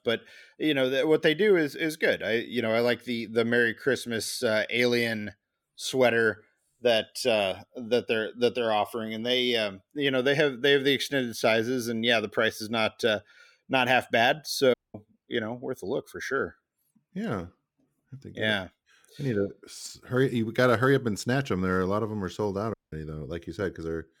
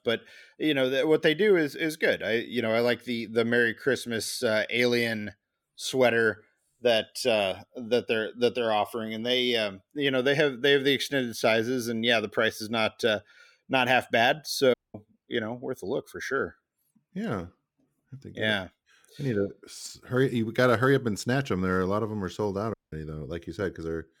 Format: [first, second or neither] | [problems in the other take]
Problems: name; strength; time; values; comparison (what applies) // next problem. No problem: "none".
neither | audio cutting out; at 15 s and at 23 s; the same in both